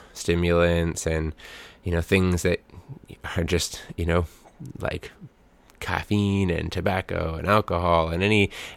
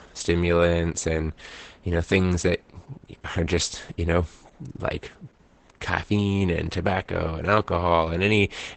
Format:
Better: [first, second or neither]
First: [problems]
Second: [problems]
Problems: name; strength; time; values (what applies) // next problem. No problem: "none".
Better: first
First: none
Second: garbled, watery; badly; nothing above 8 kHz